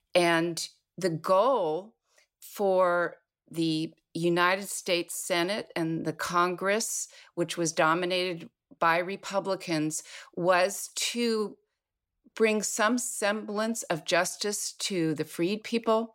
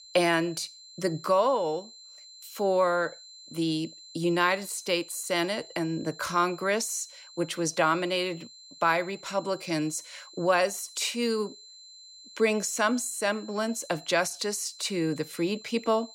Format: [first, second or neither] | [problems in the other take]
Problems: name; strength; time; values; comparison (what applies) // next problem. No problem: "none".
first | high-pitched whine; noticeable; throughout; 4 kHz, 20 dB below the speech